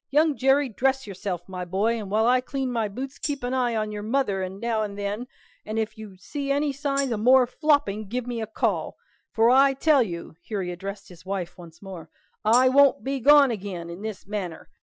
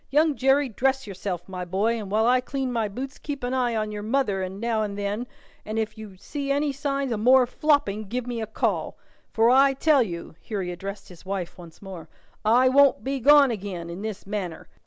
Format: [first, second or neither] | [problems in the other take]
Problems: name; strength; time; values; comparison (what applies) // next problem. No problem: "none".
second | noise reduction (classical method Wiener filter)